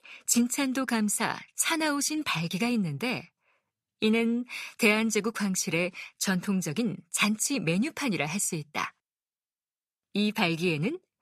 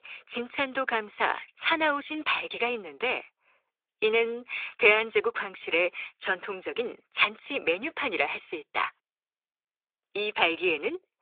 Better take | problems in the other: first | phone-call audio

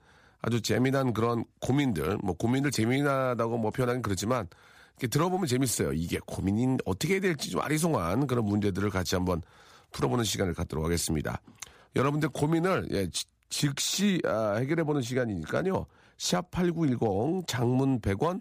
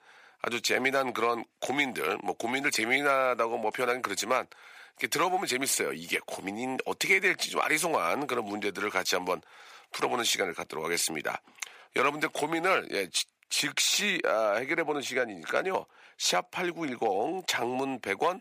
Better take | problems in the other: first | thin; somewhat; fading below 450 Hz

